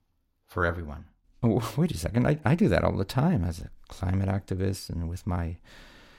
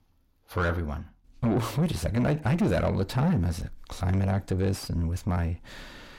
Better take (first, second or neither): first